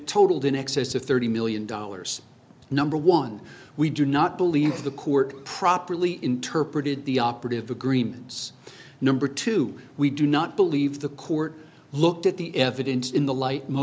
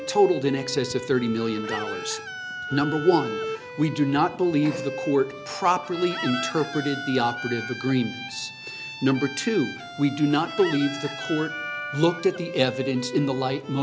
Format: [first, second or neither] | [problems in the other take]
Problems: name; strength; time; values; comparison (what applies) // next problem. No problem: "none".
first | background sound (Chicken, rooster + Bowed string instrument); 9 dB below the speech